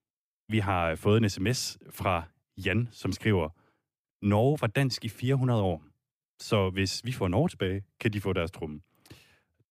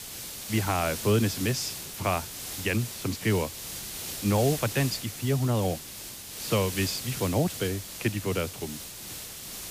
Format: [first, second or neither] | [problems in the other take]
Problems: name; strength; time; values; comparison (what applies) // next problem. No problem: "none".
first | hiss; loud; throughout; 7 dB below the speech